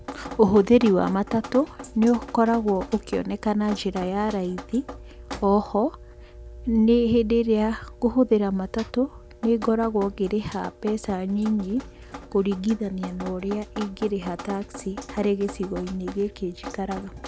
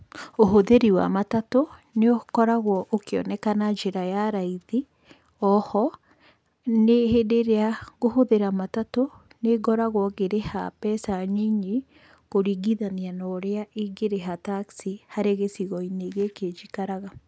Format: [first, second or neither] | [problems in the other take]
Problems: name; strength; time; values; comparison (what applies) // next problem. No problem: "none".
second | background sound (Drip); 15 dB below the speech